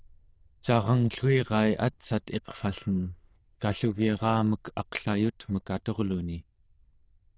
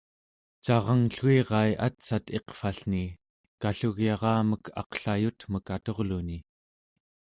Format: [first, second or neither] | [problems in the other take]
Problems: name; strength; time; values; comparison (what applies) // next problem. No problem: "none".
second | noise reduction (neural diffusion model UNIVERSE++)